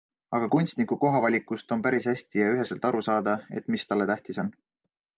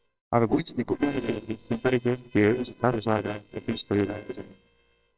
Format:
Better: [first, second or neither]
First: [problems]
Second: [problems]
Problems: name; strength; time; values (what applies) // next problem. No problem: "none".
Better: first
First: none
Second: noise reduction (neural separator model SepFormer WHAMR!)